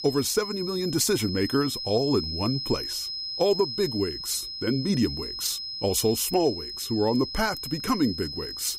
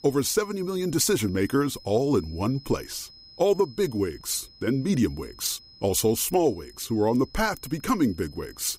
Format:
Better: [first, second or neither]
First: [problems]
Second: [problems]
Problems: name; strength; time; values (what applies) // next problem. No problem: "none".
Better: second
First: high-pitched whine; loud; throughout; 5 kHz, 5 dB below the speech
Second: high-pitched whine; faint; throughout; 5 kHz, 20 dB below the speech